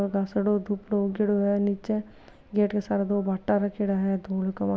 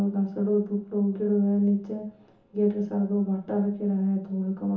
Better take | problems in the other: first | room echo; dies away in 0.8 s

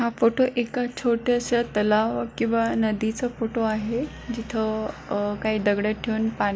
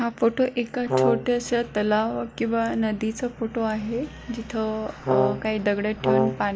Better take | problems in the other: first | background sound (Brass instrument); 1 dB above the speech

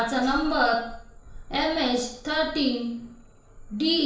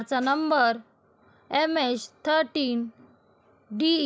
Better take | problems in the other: second | background sound (Frog); 16 dB below the speech // room echo; dies away in 0.5 s

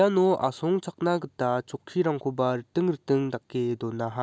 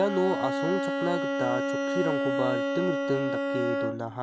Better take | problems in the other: first | background sound (Bowed string instrument); 2 dB above the speech

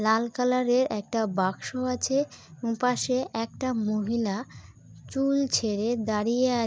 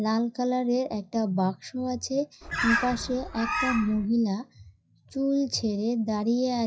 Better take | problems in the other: first | noise reduction (classical method WPE with log-MMSE)

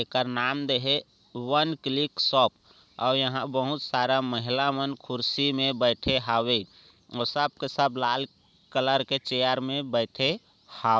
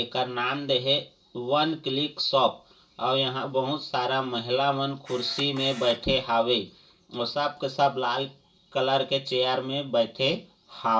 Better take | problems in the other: first | background sound (Camera); 16 dB below the speech // room echo; dies away in 0.2 s

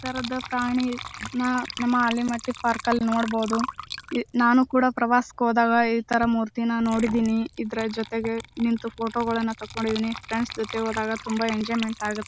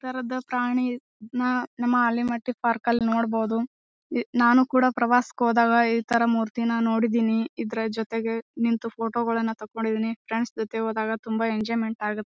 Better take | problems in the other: second | background sound (Water / Liquid); 14 dB below the speech

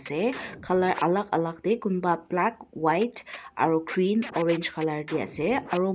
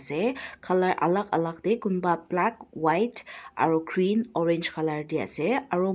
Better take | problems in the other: second | background sound (Scratching (performance technique)); 19 dB below the speech

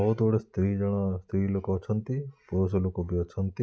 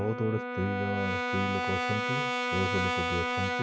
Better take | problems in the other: first | background sound (Brass instrument); 2 dB above the speech

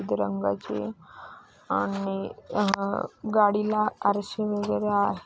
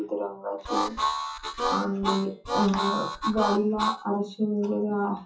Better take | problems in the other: first | noise reduction (classical method WPE with log-MMSE)

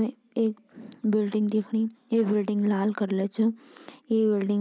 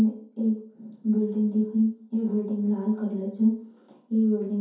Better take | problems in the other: first | room echo; dies away in 0.6 s

